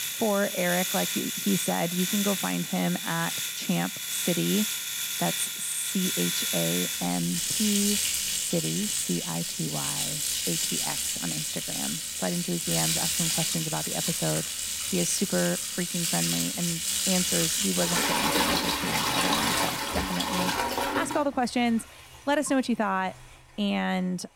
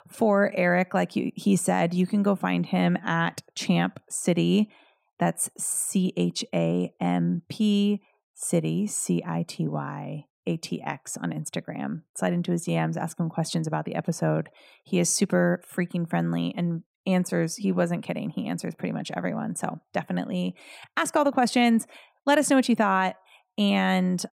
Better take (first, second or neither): second